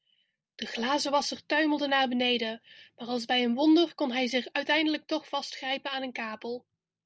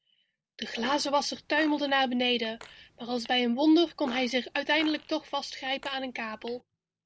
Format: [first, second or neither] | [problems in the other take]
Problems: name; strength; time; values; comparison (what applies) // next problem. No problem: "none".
first | background sound (Fart); 20 dB below the speech